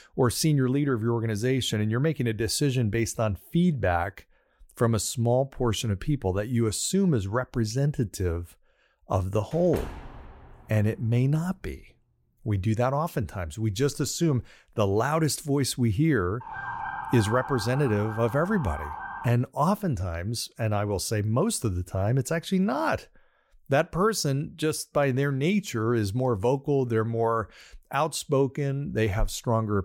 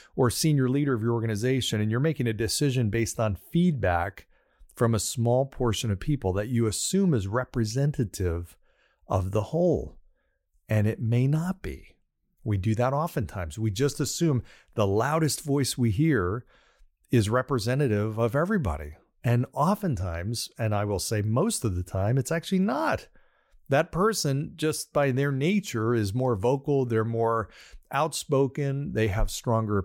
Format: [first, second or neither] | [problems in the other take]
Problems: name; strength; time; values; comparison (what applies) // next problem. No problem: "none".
second | door banging; faint; from 9.5 to 11 s; peak 15 dB below the speech // siren; noticeable; from 16 to 19 s; peak 7 dB below the speech